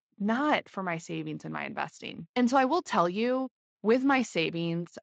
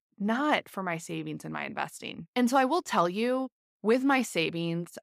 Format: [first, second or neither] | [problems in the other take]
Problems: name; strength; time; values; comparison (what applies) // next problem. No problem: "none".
second | garbled, watery; slightly; nothing above 7.5 kHz